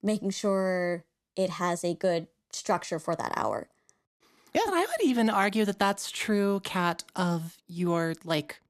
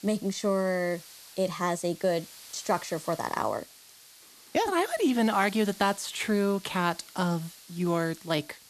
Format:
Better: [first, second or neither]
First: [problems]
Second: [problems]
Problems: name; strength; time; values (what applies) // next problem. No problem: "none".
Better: first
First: none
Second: hiss; noticeable; throughout; 20 dB below the speech